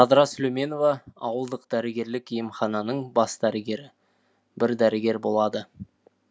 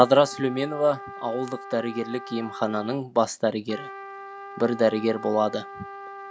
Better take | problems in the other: first | background sound (Trumpet); 14 dB below the speech

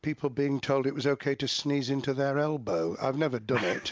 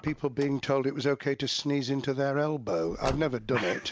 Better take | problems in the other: first | background sound (Car); 16 dB below the speech

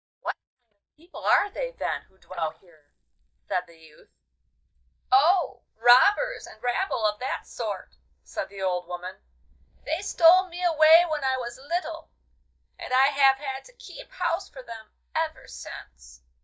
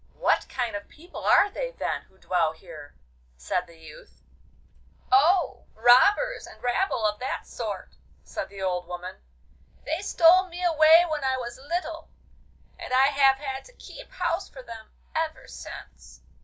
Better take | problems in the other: second | noise reduction (neural mask model DeepFilterNet 3)

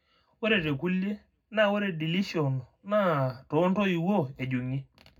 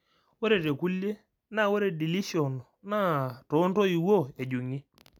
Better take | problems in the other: second | room echo; dies away in 0.3 s

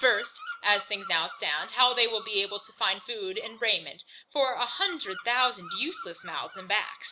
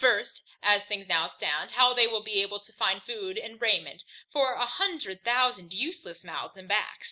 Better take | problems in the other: second | background sound (Bird vocalization, bird call, bird song); 15 dB below the speech

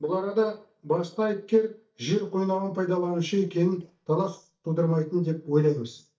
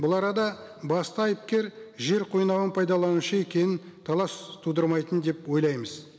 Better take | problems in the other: second | noise reduction (neural mask model DeepFilterNet 3)

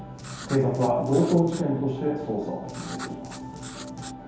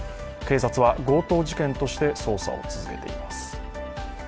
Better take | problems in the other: second | background sound (Writing); 16 dB below the speech // room echo; dies away in 0.8 s

